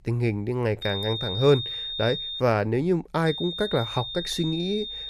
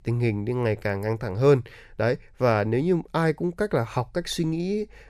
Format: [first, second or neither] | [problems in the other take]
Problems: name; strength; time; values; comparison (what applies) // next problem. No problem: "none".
second | high-pitched whine; loud; from 1 to 2.5 s and from 3.5 s on; 3.5 kHz, 5 dB below the speech